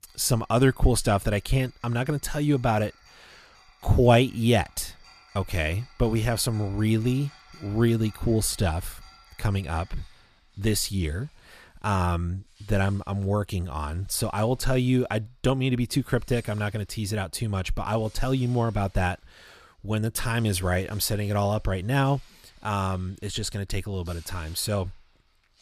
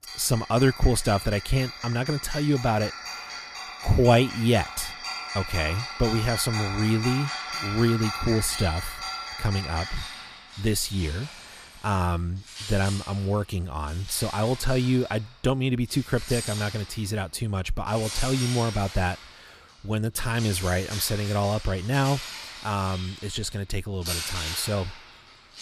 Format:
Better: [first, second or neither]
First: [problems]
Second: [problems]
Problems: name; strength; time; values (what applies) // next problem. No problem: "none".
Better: first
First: household noises; faint; throughout; 25 dB below the speech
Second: household noises; loud; throughout; 8 dB below the speech